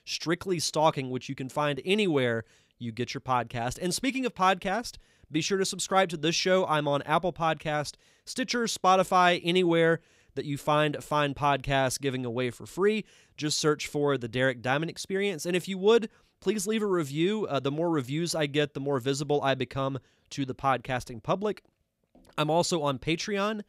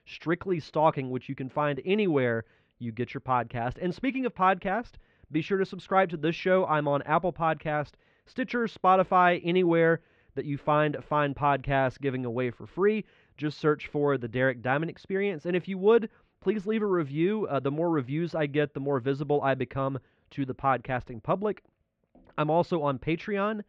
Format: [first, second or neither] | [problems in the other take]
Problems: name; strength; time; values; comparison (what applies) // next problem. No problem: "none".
first | muffled; very; fading above 2.5 kHz